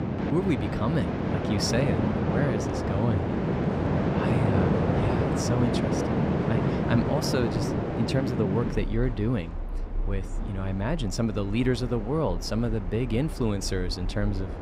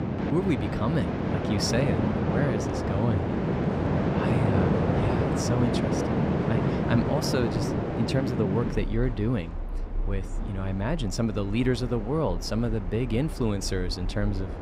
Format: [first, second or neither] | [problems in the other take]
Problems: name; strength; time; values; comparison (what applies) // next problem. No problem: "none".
neither | train or aircraft noise; very loud; throughout; 1 dB above the speech; the same in both